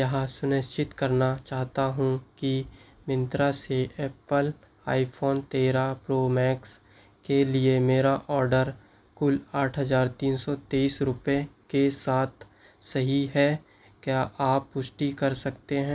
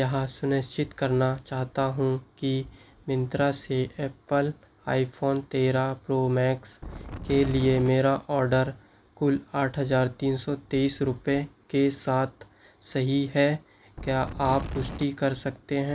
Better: first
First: none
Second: background sound (Wind); 9 dB below the speech

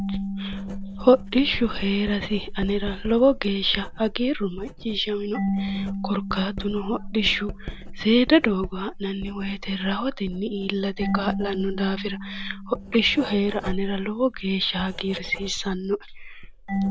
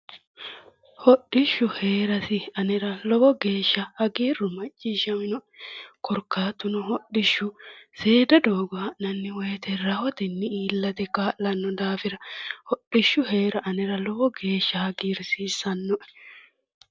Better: second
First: background sound (Writing + Marimba, xylophone / Wood); 7 dB below the speech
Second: none

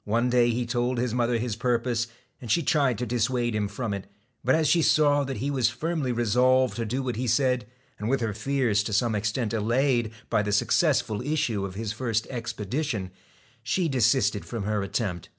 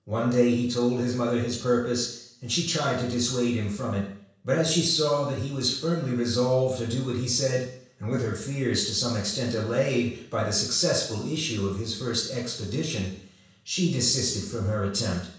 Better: first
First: none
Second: room echo; dies away in 0.7 s

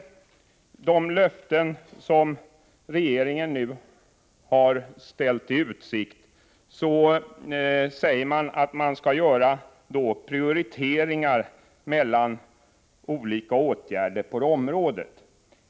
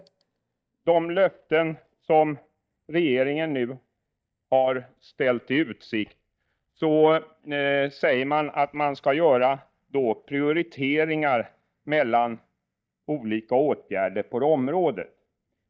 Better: first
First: none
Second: noise reduction (neural mask model DeepFilterNet 3)

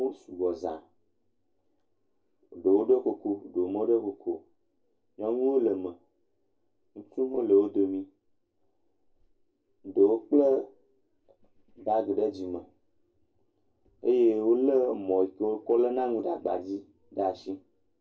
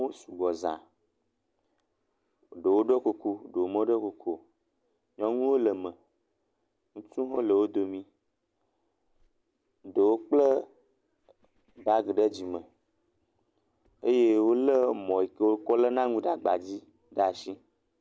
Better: second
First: room echo; dies away in 0.2 s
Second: none

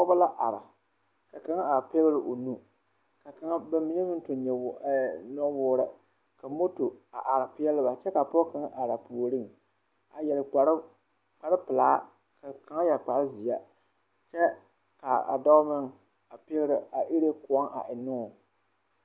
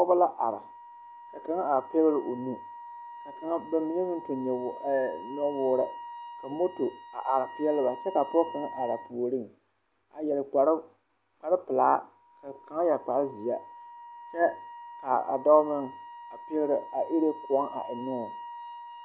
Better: first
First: none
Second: background sound (Wind instrument, woodwind instrument); 15 dB below the speech

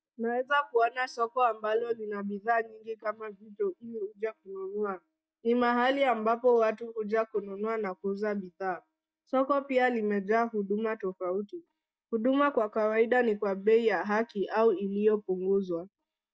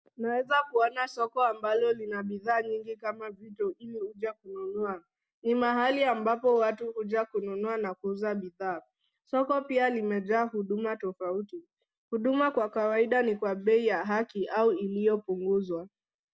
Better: second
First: noise reduction (neural mask model DeepFilterNet 3)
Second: none

